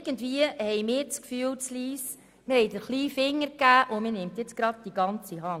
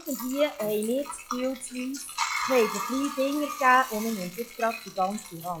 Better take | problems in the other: first | noise reduction (classical method log-MMSE)

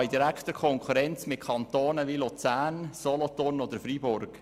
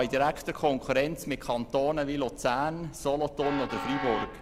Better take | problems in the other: first | background sound (Train); 11 dB below the speech

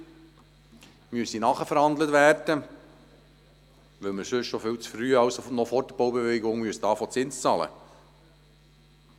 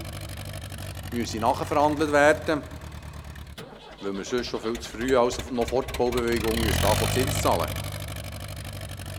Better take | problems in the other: first | background sound (Accelerating, revving, vroom); 5 dB below the speech

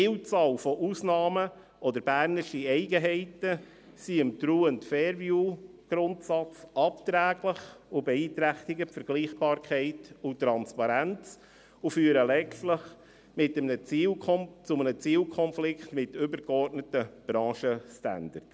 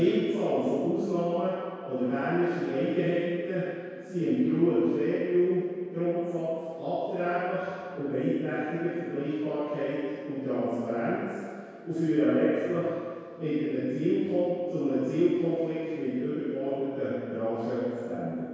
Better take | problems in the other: first | room echo; dies away in 2 s

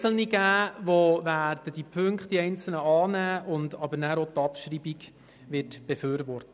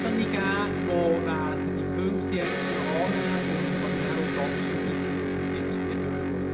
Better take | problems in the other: first | background sound (Electric guitar); 4 dB above the speech // room echo; dies away in 0.8 s

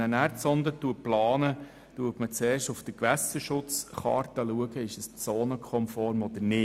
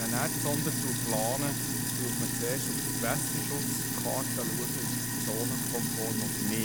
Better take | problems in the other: first | background sound (Sink (filling or washing)); 5 dB above the speech

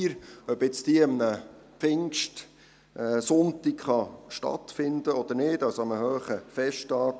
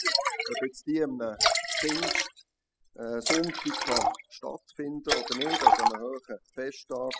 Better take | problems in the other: first | noise reduction (classical method spectral subtraction)

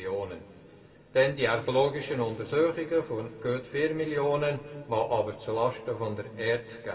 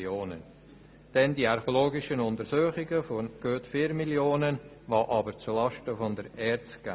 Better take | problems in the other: second | room echo; dies away in 1.7 s

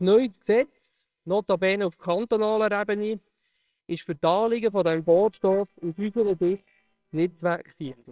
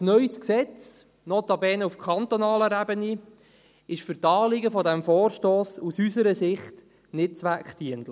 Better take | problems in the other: second | noise reduction (neural separator model SepFormer WHAMR!)

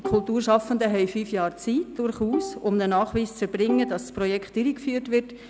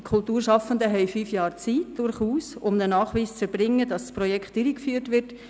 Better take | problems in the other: second | background sound (Bowed string instrument); 12 dB below the speech

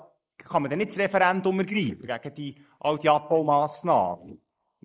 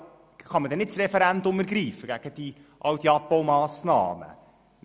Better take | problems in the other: second | noise reduction (neural mask model Resemble Enhance denoiser)

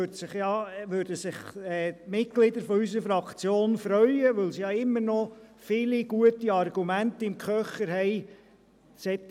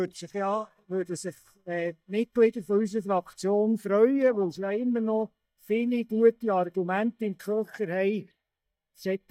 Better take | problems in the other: first | noise reduction (neural mask model DeepFilterNet 3)

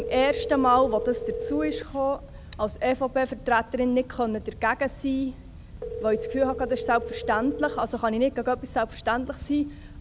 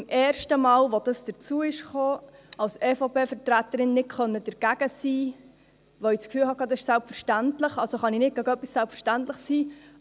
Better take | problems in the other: second | background sound (Telephone); 9 dB below the speech

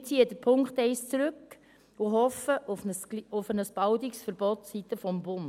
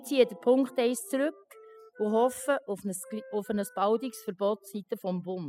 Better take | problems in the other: first | noise reduction (classical method spectral subtraction)

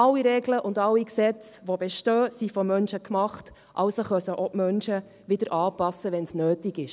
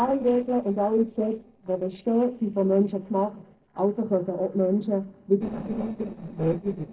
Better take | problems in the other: first | noise reduction (neural separator model SepFormer DNS4)

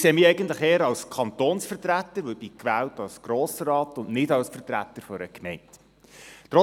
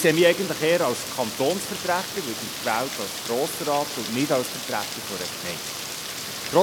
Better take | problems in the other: first | background sound (Rain); 7 dB below the speech

